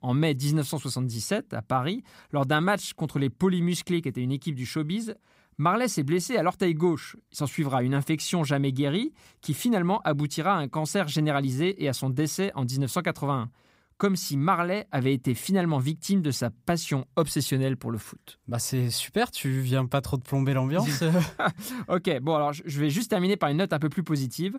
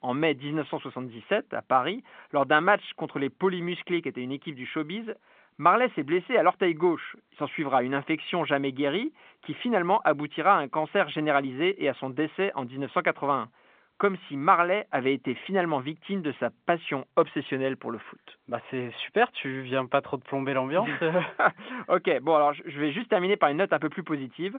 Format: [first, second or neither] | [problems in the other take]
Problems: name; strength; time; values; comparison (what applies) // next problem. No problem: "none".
first | phone-call audio